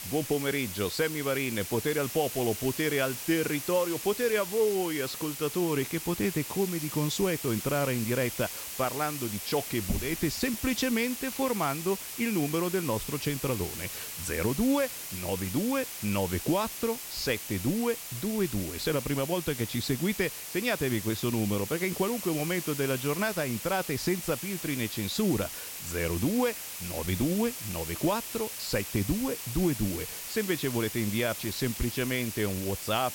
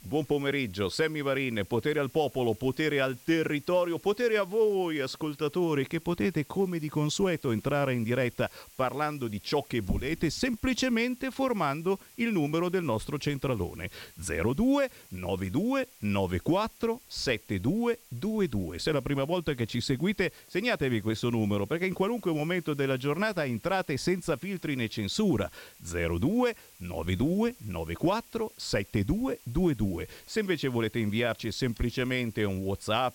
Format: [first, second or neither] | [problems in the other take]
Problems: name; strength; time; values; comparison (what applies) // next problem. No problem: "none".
second | hiss; loud; throughout; 6 dB below the speech; faint in the second